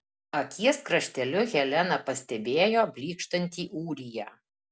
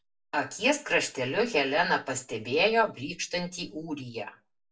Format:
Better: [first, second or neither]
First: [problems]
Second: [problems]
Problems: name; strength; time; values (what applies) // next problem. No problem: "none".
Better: first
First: none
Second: room echo; dies away in 0.1 s